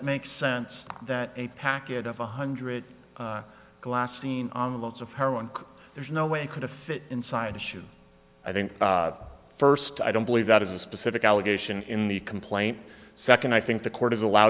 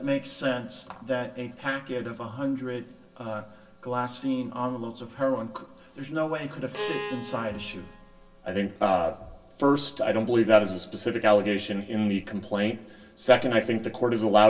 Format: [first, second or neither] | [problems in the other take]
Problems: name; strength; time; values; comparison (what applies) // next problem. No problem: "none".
first | background sound (Bowed string instrument); 11 dB below the speech // room echo; dies away in 0.2 s